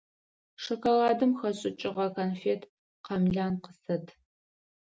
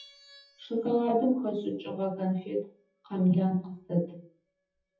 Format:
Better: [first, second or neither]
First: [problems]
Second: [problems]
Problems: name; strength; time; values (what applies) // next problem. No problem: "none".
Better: first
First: none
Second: noise reduction (classical method WPE with log-MMSE)